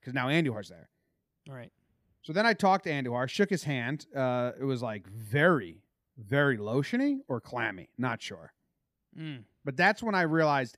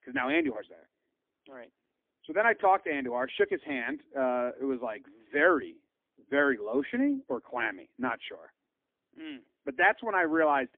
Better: first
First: none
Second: phone-call audio; poor line; nothing above 3.5 kHz

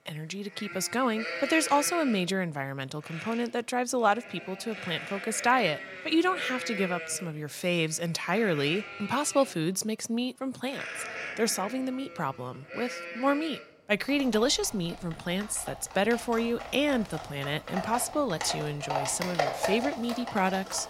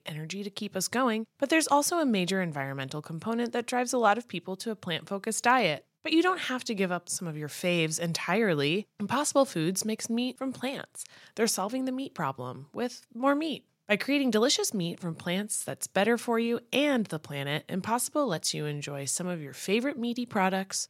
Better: second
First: animal sounds; loud; throughout; 8 dB below the speech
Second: none

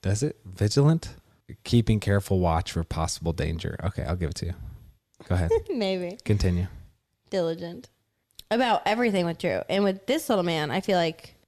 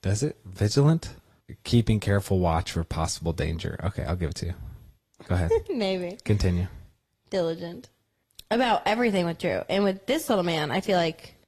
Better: first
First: none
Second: garbled, watery; slightly; nothing above 14 kHz

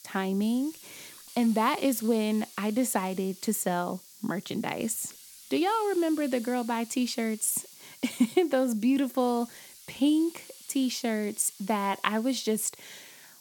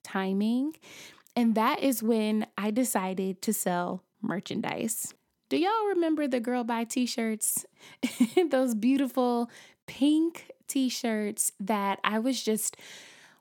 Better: second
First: hiss; noticeable; throughout; 20 dB below the speech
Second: none

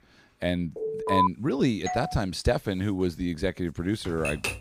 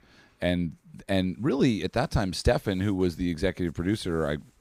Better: second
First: alarm; loud; at 1 s; peak 4 dB above the speech // doorbell; noticeable; at 2 s; peak 5 dB below the speech // keyboard typing; noticeable; at 4 s; peak 2 dB below the speech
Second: none

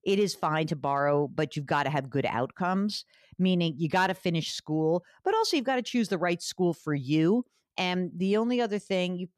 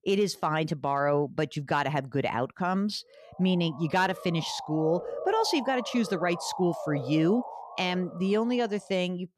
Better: first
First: none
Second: siren; noticeable; from 3 to 8.5 s; peak 7 dB below the speech

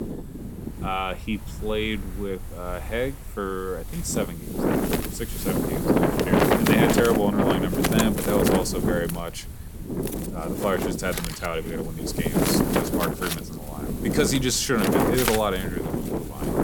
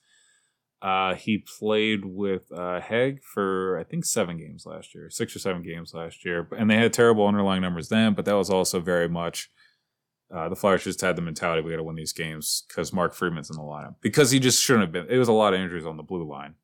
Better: second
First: wind noise on the microphone; heavy; 1 dB above the speech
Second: none

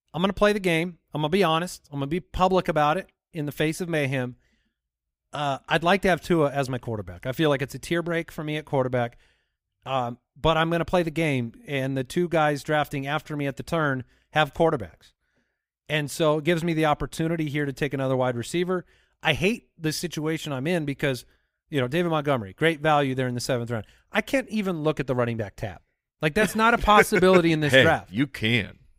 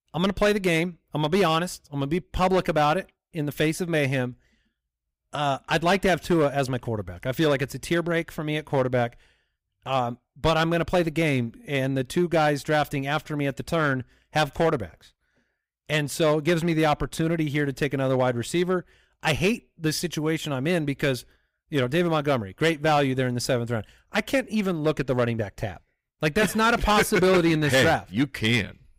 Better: first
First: none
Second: distortion; slight; 4% of the sound clipped

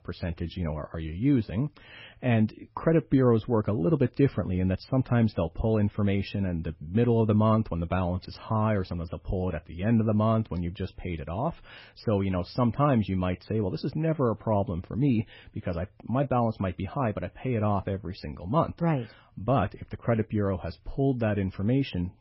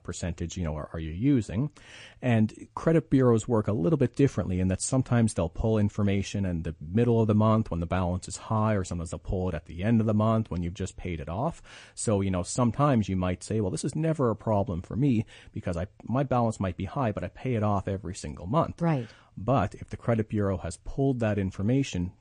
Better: second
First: garbled, watery; badly; nothing above 5.5 kHz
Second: garbled, watery; slightly; nothing above 9.5 kHz

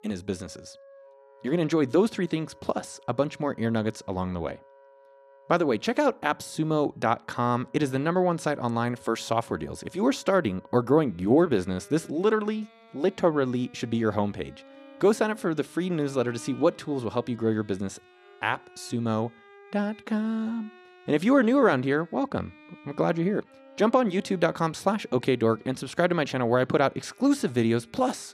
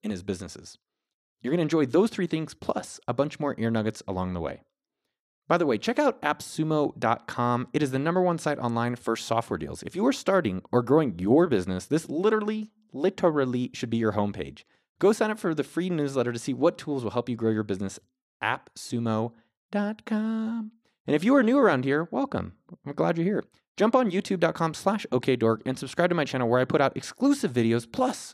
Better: second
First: background music; faint; throughout; 25 dB below the speech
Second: none

